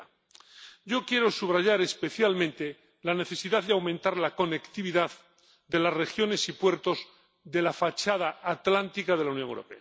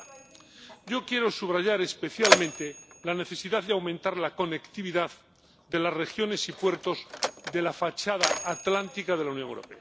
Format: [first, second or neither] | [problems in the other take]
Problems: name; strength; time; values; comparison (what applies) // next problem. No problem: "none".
first | background sound (Mechanisms); 4 dB below the speech